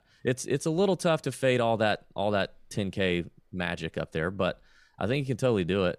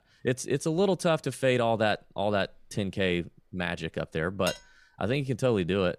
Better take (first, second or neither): first